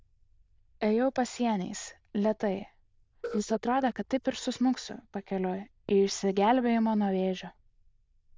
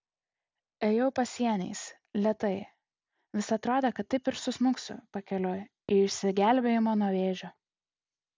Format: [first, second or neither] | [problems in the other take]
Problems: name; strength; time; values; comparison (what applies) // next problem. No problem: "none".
second | noise reduction (neural diffusion model UNIVERSE++)